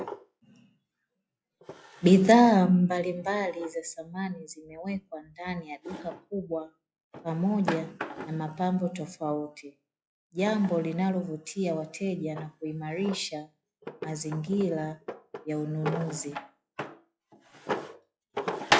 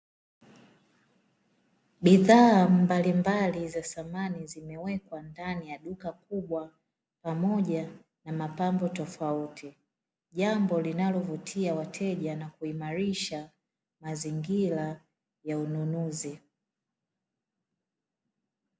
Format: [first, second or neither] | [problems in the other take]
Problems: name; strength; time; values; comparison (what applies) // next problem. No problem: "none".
second | noise reduction (classical method log-MMSE)